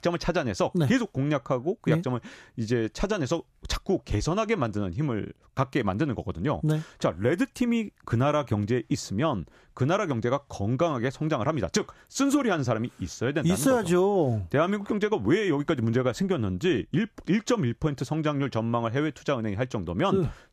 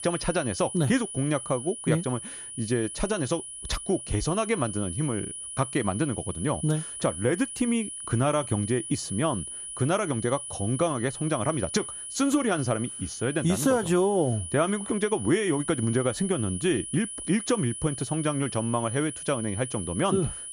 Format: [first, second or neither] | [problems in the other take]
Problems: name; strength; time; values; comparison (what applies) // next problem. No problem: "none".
first | high-pitched whine; loud; throughout; 9.5 kHz, 8 dB below the speech